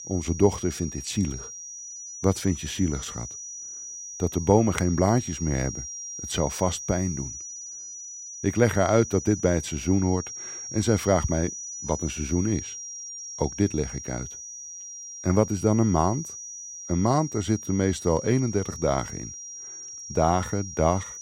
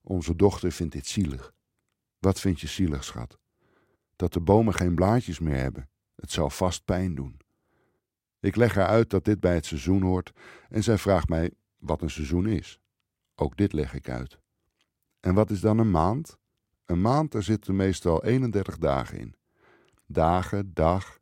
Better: second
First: high-pitched whine; loud; throughout; 5.5 kHz, 10 dB below the speech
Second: none

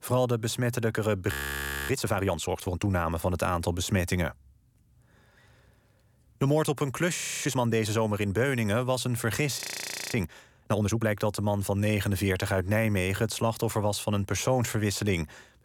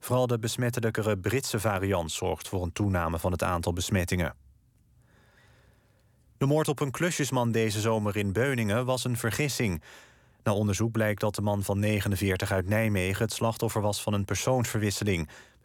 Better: second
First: audio freezing; at 1.5 s for 0.5 s, at 7 s and at 9.5 s for 0.5 s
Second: none

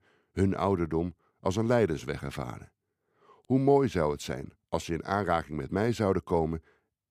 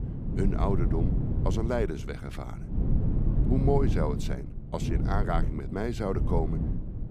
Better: first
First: none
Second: wind noise on the microphone; heavy; 7 dB below the speech

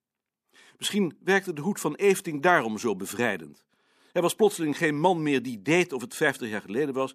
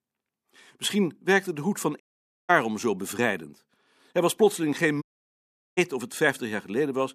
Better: first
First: none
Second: audio cutting out; at 2 s and at 5 s for 1 s

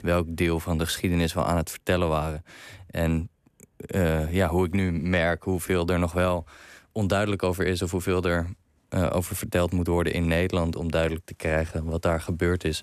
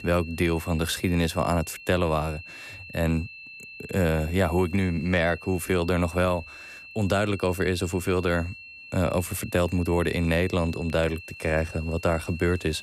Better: first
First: none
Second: high-pitched whine; noticeable; throughout; 2.5 kHz, 15 dB below the speech

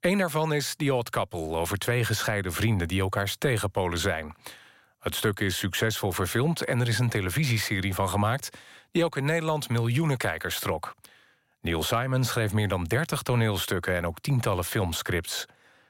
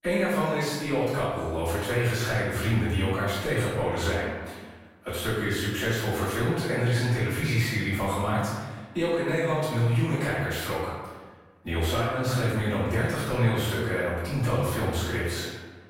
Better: first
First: none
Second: room echo; strong; dies away in 1.2 s // off-mic speech; far

